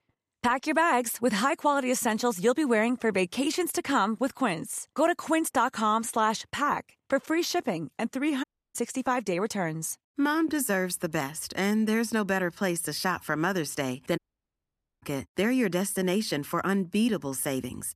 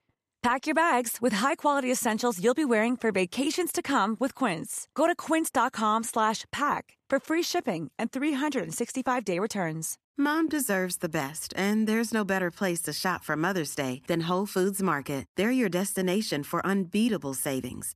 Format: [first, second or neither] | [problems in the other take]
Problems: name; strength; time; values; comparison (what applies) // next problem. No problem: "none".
second | audio cutting out; at 8.5 s and at 14 s for 1 s